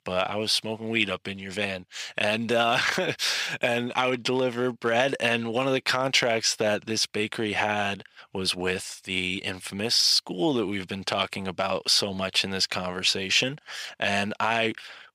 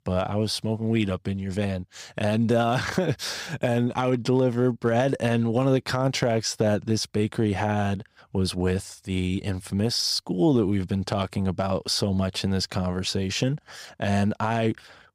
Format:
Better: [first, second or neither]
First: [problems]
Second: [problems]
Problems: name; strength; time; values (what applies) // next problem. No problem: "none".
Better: second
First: thin; somewhat; fading below 600 Hz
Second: none